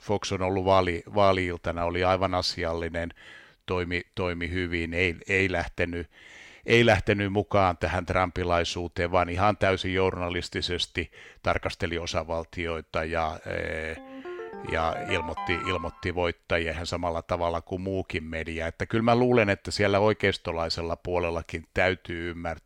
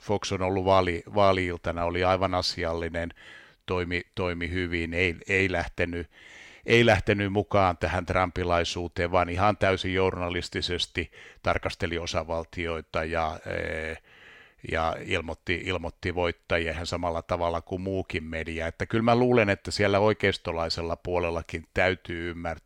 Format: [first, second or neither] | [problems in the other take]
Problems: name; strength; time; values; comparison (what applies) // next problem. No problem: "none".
second | phone ringing; noticeable; from 14 to 16 s; peak 7 dB below the speech